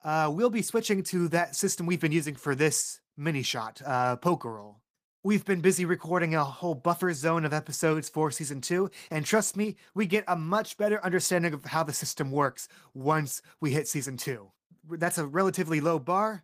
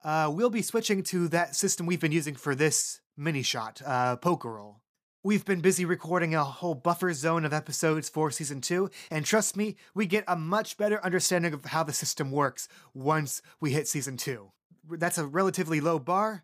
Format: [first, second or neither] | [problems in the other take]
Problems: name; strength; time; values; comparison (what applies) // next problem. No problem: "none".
second | garbled, watery; slightly; nothing above 15 kHz